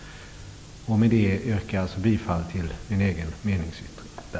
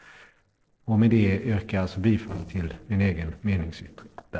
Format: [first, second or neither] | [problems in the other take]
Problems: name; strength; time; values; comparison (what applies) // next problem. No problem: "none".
first | noise reduction (neural separator model SepFormer DNS4)